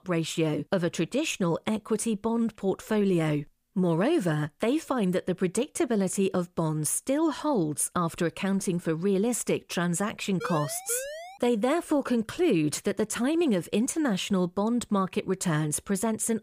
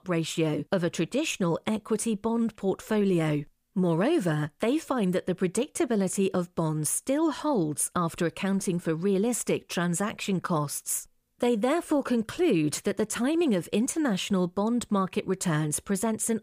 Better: second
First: siren; noticeable; at 10 s; peak 9 dB below the speech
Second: none

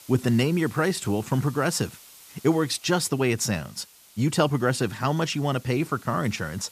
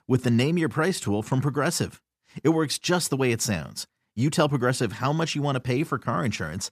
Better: second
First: hiss; faint; throughout; 20 dB below the speech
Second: none

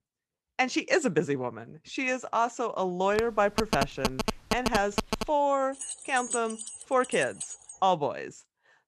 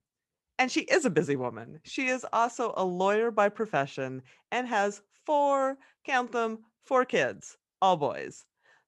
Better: second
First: phone ringing; noticeable; from 3 to 5.5 s; peak 1 dB below the speech // jangling keys; noticeable; from 6 to 7.5 s; peak 5 dB below the speech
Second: none

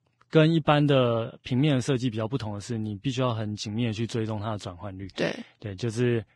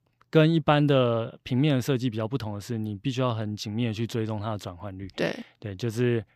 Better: second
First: garbled, watery; badly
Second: none

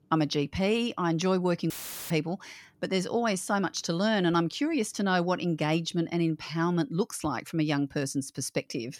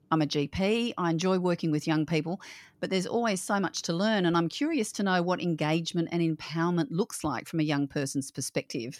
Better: second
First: audio cutting out; filled with static; at 1.5 s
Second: none

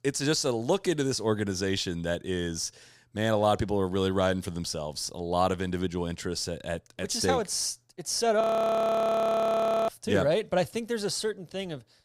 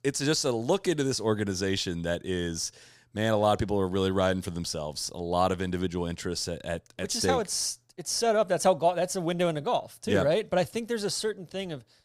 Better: second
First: audio freezing; at 8.5 s for 1.5 s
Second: none

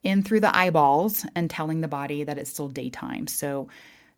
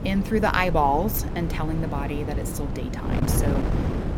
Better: first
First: none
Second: wind noise on the microphone; heavy; 9 dB below the speech

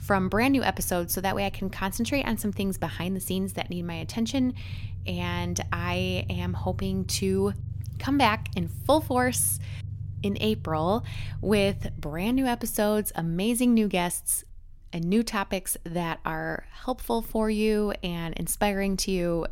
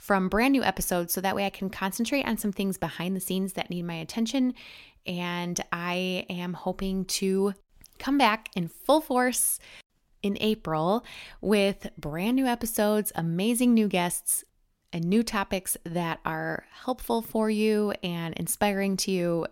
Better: second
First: low rumble; faint; throughout; 20 dB below the speech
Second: none

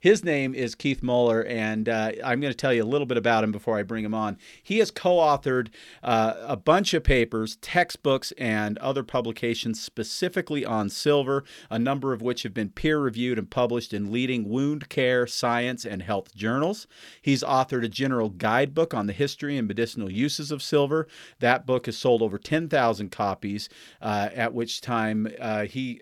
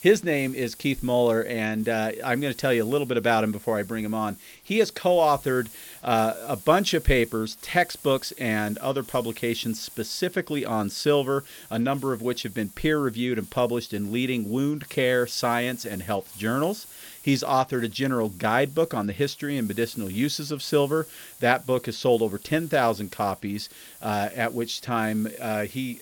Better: first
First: none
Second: hiss; noticeable; throughout; 20 dB below the speech

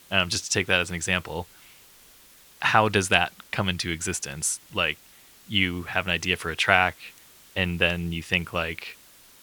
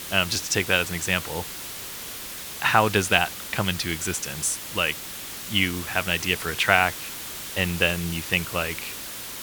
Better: first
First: hiss; faint; throughout; 25 dB below the speech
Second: hiss; loud; throughout; 9 dB below the speech

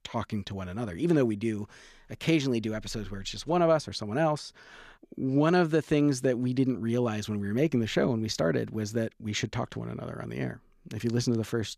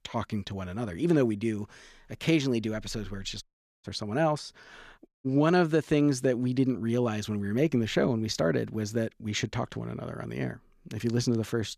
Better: first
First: none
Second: audio cutting out; at 3.5 s and at 5 s

